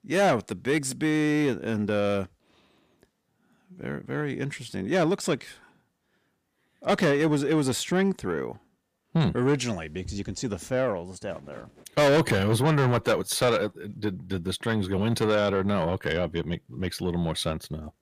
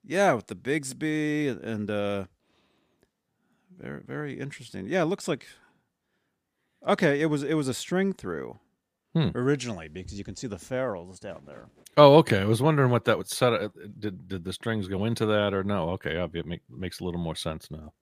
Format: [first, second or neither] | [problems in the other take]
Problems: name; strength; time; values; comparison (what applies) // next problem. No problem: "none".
second | distortion; heavy; 6 dB below the speech